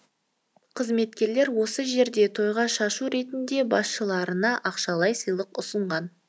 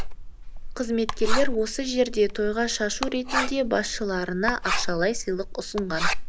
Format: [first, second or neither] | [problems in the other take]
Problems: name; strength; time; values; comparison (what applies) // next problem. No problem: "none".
first | background sound (Writing); 1 dB below the speech